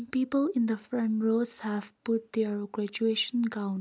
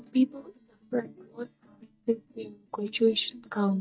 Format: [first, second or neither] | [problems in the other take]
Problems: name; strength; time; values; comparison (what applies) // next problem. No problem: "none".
first | noise reduction (neural mask model DeepFilterNet 3)